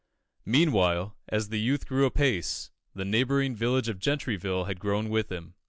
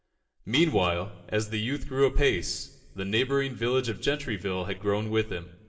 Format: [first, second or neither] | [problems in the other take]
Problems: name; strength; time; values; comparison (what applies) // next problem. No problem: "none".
first | room echo; dies away in 0.8 s